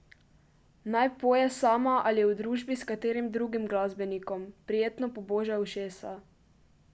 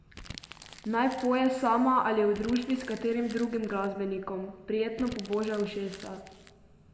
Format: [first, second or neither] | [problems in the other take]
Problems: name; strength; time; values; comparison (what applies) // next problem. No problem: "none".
first | background sound (Crumpling, crinkling); 19 dB below the speech // room echo; dies away in 1.8 s